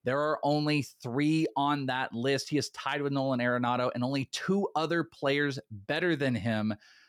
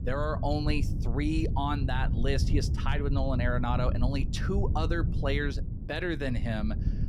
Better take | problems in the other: first | wind noise on the microphone; occasional gusts; 10 dB below the speech

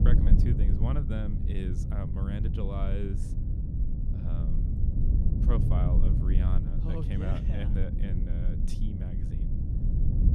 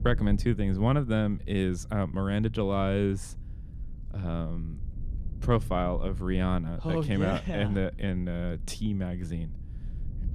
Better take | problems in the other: second | low rumble; loud; throughout; 1 dB below the speech; faint in the second

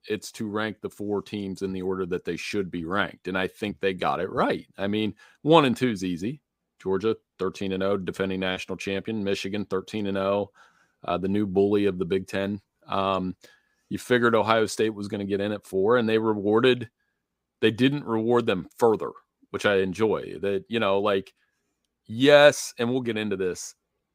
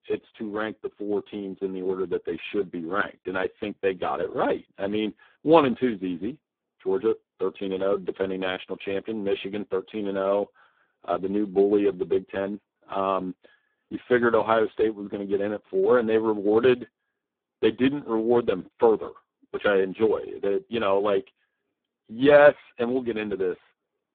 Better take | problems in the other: first | phone-call audio; poor line

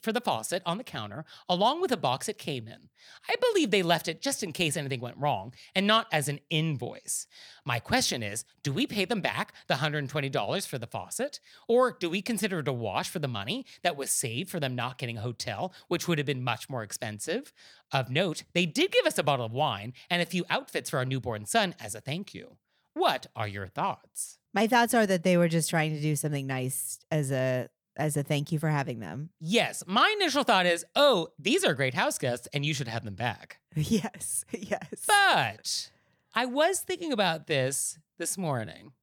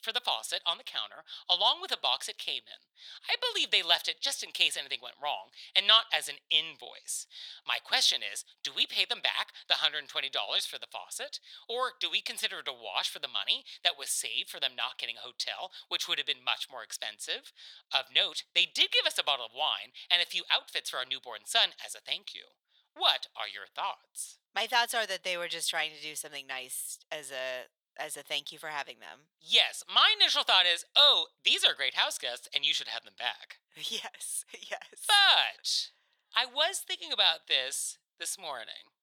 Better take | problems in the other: first | thin; very; fading below 850 Hz

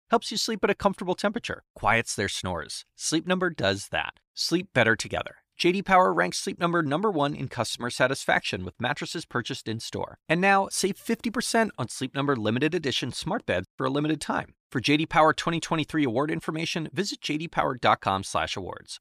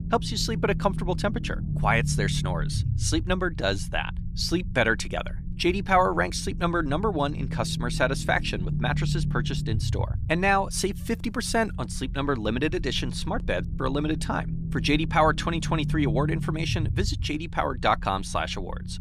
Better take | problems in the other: first | low rumble; noticeable; throughout; 15 dB below the speech

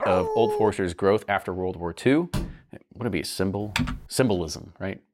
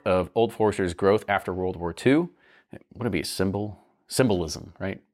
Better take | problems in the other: second | dog barking; noticeable; at the start; peak 1 dB below the speech // door banging; noticeable; at 2.5 s; peak 7 dB below the speech // keyboard typing; noticeable; at 4 s; peak 2 dB below the speech

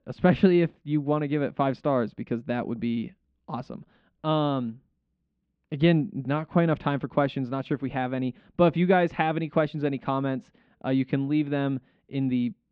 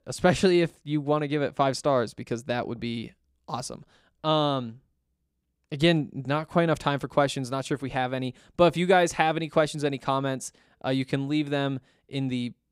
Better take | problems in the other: second | muffled; very; fading above 3 kHz

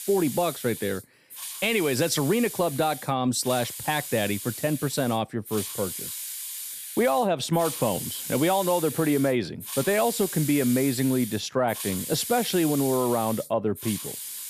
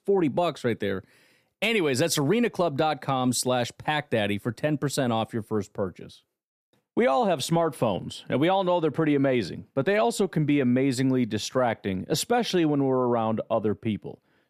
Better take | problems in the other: second | hiss; loud; throughout; 8 dB below the speech

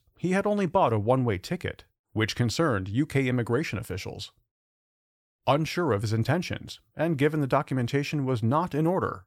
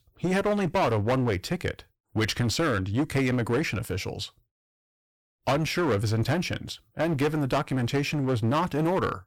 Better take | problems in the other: first | distortion; heavy; 13% of the sound clipped

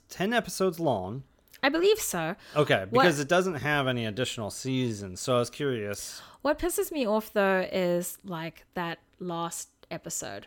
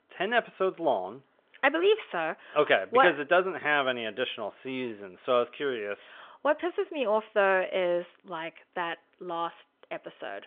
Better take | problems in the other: first | phone-call audio; nothing above 3.5 kHz

